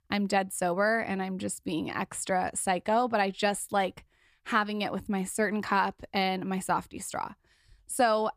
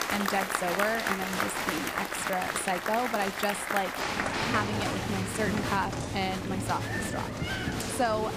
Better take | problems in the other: first | crowd noise; very loud; throughout; 1 dB above the speech

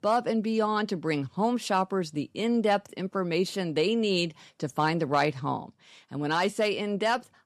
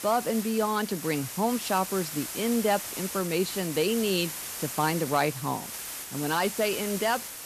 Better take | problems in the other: first | hiss; loud; throughout; 6 dB below the speech

